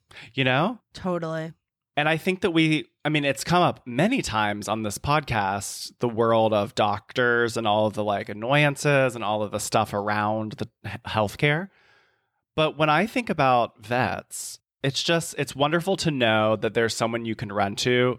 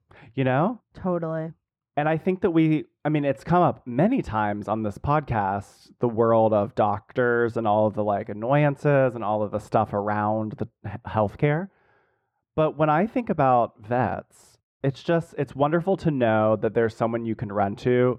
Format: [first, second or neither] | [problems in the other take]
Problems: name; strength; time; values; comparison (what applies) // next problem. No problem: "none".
first | muffled; very; fading above 2 kHz